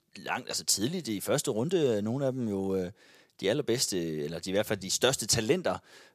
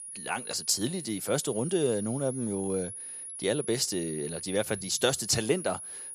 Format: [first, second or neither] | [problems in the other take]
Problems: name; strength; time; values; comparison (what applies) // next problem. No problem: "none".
first | high-pitched whine; loud; throughout; 10.5 kHz, 8 dB below the speech